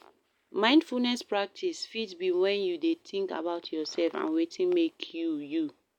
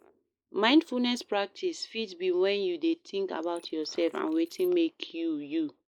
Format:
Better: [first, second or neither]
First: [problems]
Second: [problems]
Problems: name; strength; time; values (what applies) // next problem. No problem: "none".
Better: first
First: none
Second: noise reduction (neural mask model Resemble Enhance denoiser)